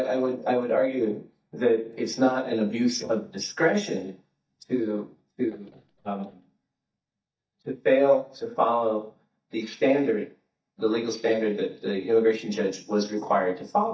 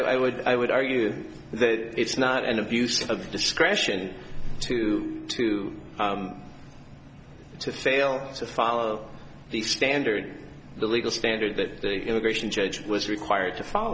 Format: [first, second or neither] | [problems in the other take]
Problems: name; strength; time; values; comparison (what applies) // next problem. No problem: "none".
second | noise reduction (neural mask model DeepFilterNet 3)